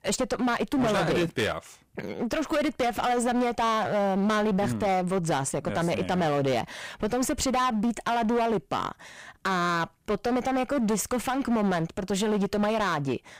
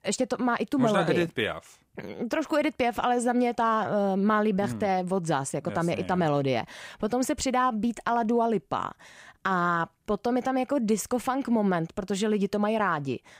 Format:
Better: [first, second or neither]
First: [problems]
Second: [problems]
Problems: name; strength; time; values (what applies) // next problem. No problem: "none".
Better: second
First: distortion; heavy; 20% of the sound clipped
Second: none